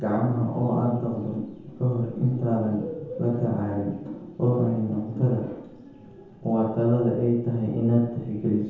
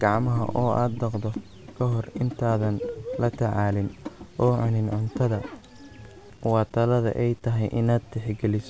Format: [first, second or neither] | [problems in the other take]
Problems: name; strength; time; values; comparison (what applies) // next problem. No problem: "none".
second | room echo; dies away in 0.9 s